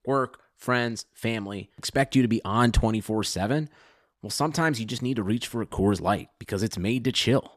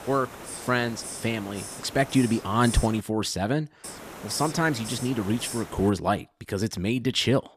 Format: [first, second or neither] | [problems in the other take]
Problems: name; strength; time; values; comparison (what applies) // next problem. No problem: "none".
first | hiss; noticeable; until 3 s and from 4 to 6 s; 10 dB below the speech